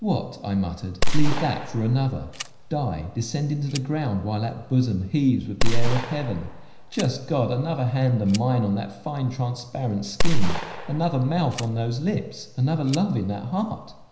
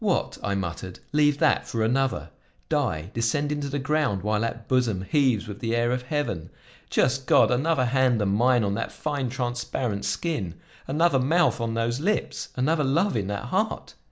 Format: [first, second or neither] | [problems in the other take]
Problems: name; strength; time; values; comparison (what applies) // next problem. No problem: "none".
second | background sound (Gunshot, gunfire); 1 dB above the speech // room echo; dies away in 0.9 s